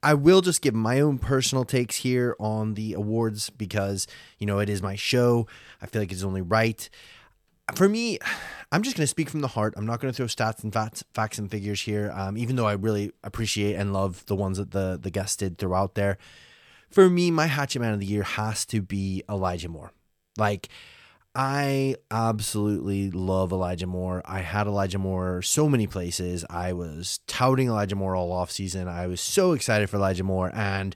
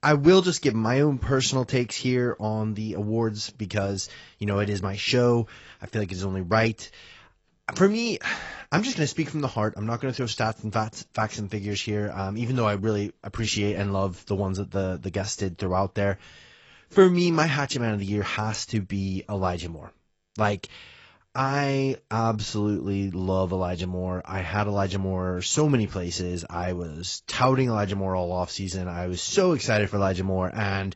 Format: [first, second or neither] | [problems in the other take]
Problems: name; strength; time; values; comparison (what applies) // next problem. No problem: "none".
first | garbled, watery; badly; nothing above 7.5 kHz